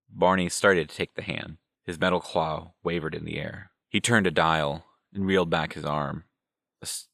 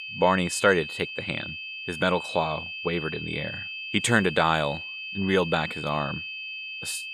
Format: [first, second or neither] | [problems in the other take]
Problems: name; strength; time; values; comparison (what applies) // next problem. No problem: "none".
first | high-pitched whine; loud; throughout; 2.5 kHz, 8 dB below the speech